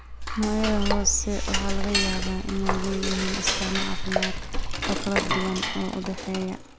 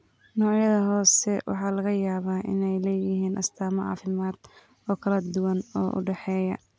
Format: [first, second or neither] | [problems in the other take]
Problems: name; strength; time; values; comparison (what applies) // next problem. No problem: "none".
second | background sound (Cutlery, silverware / Dishes, pots, and pans); 2 dB above the speech